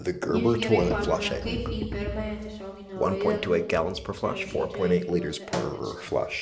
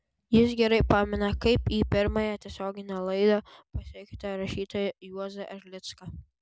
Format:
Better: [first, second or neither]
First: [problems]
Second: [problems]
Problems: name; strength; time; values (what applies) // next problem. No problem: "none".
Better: second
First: background sound (Toilet flush); 5 dB above the speech // room echo; dies away in 1.1 s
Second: none